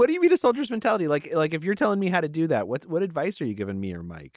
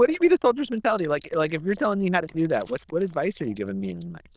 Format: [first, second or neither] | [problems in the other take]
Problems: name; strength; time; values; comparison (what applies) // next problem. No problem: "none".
first | noise reduction (neural diffusion model UNIVERSE++)